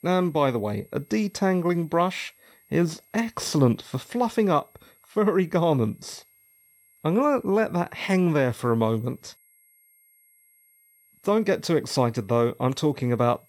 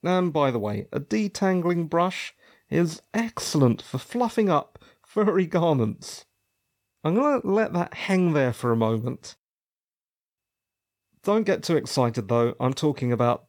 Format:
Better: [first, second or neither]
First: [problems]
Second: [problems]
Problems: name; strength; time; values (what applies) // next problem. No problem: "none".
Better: second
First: high-pitched whine; faint; throughout; 11.5 kHz, 30 dB below the speech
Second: none